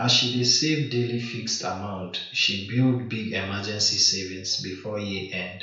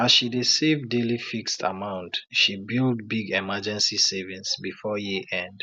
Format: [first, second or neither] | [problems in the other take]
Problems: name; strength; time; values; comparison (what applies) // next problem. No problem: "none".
second | room echo; dies away in 0.5 s